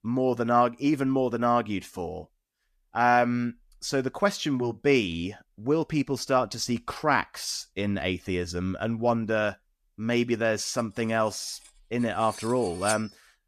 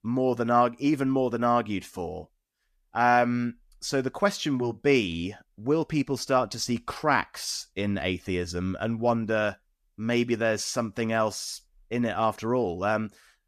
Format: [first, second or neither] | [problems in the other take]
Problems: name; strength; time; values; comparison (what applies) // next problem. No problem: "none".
second | clattering dishes; noticeable; at 12 s; peak 6 dB below the speech